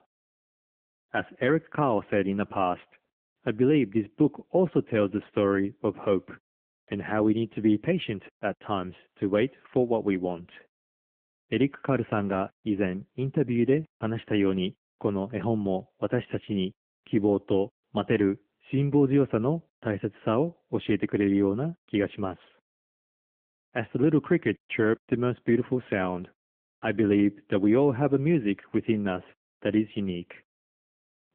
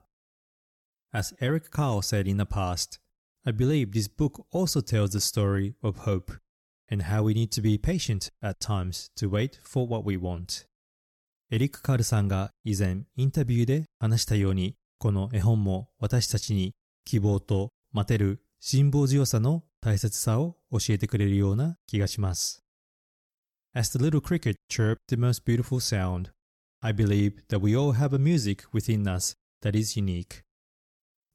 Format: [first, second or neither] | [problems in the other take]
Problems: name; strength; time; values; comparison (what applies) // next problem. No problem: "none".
second | phone-call audio; nothing above 3 kHz